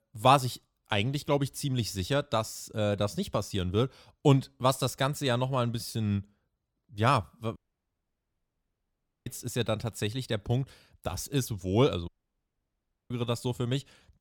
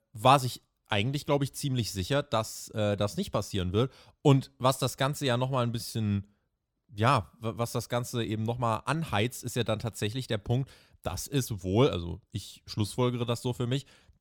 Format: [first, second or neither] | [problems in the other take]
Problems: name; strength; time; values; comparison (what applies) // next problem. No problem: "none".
second | audio cutting out; at 7.5 s for 1.5 s and at 12 s for 1 s